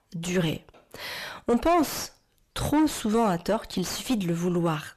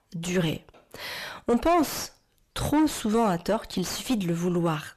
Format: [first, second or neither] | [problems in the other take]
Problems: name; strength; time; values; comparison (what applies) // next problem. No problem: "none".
neither | distortion; heavy; 5 dB below the speech; the same in both